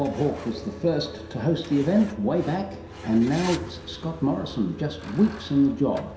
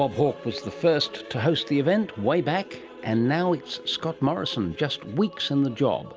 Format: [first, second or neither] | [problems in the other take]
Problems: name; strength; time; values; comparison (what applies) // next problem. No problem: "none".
second | background sound (Truck); 16 dB below the speech // room echo; dies away in 0.7 s